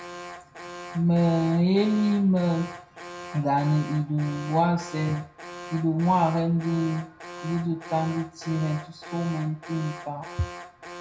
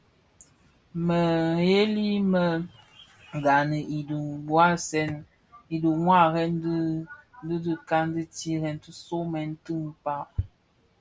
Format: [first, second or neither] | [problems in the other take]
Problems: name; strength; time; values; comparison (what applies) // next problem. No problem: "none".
second | background sound (Alarm); 14 dB below the speech // room echo; dies away in 0.5 s